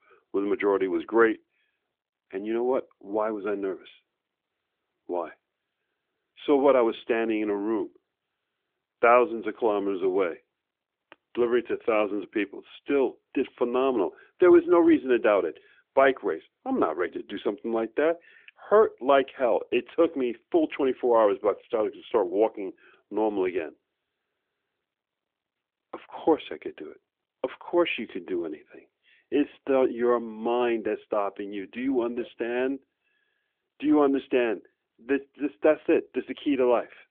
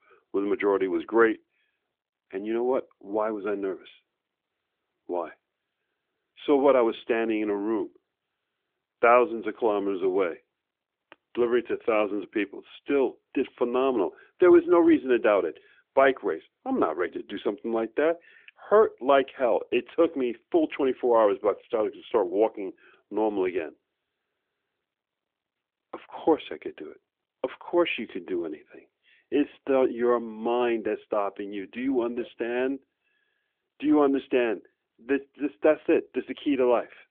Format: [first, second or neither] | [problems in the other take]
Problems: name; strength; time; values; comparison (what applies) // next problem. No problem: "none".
neither | phone-call audio; nothing above 3.5 kHz; the same in both